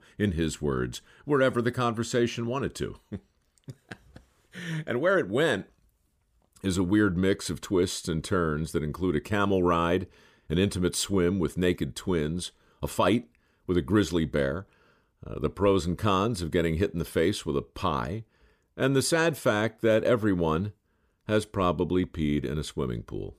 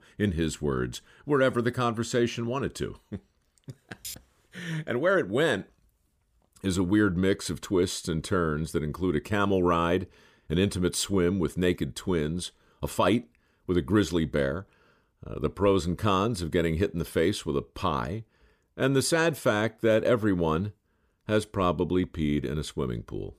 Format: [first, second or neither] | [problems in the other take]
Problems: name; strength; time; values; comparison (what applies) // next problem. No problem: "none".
first | clattering dishes; faint; at 4 s; peak 15 dB below the speech